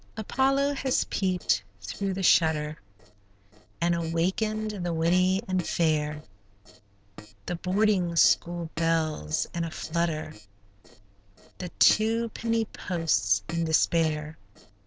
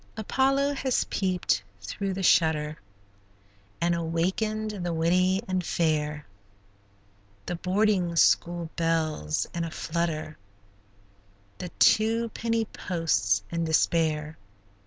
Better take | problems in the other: second | noise reduction (neural separator model SepFormer DNS4)

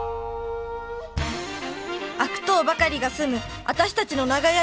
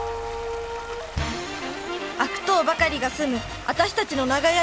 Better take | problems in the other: first | background sound (Stream); 15 dB below the speech

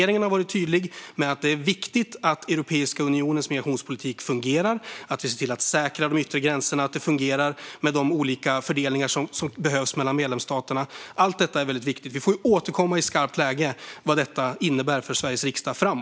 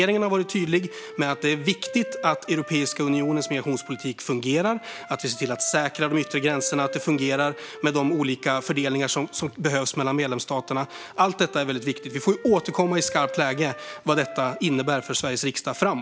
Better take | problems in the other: first | background sound (Wind instrument, woodwind instrument); 15 dB below the speech

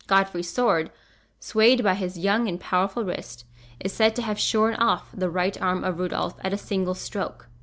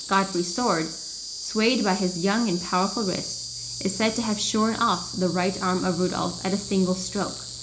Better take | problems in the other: first | background sound (Insect); 9 dB below the speech // room echo; dies away in 0.4 s

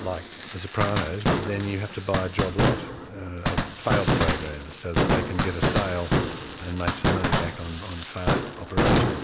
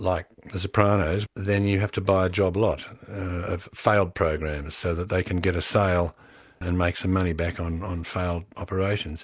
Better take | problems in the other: second | background sound (Fireworks); 4 dB above the speech

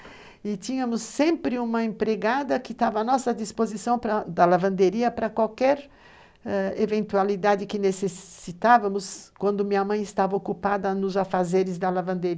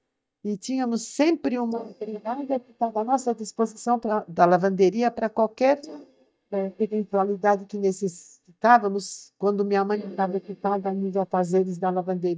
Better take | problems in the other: first | noise reduction (neural mask model DeepFilterNet 3)

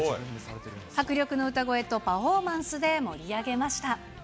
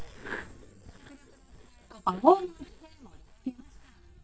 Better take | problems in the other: first | noise reduction (neural mask model DeepFilterNet 3)

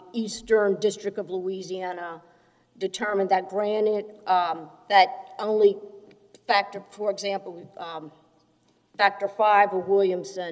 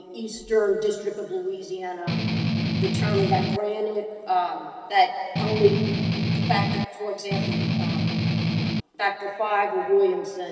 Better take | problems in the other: first | background sound (Strum); 2 dB above the speech // room echo; dies away in 2.5 s

